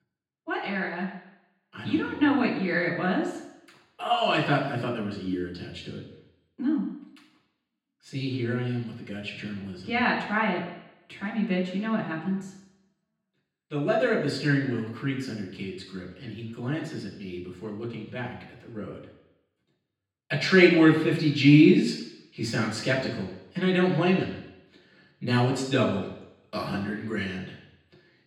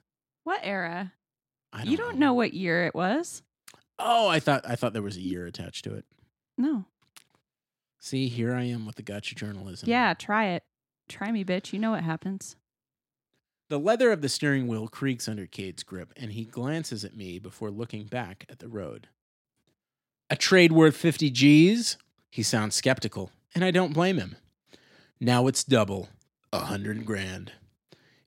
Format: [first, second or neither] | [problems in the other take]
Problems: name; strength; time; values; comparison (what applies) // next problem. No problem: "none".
second | room echo; noticeable; dies away in 0.9 s // off-mic speech; far